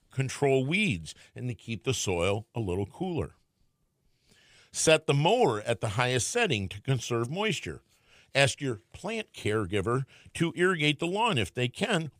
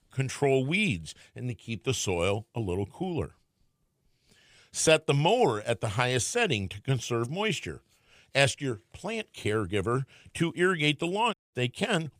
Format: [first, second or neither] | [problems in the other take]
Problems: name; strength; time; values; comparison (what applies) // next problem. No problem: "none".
first | audio cutting out; at 11 s